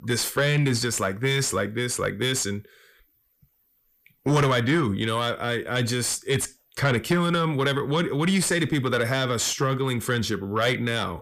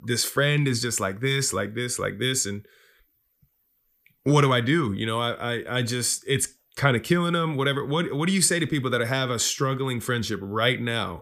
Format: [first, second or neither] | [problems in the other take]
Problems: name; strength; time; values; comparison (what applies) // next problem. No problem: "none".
second | distortion; slight; 10 dB below the speech